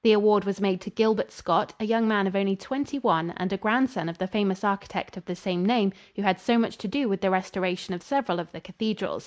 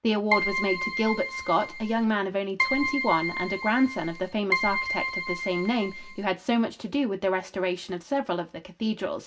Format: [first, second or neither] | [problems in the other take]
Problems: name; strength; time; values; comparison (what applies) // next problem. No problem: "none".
first | background sound (Keyboard (musical)); 3 dB below the speech // room echo; dies away in 0.2 s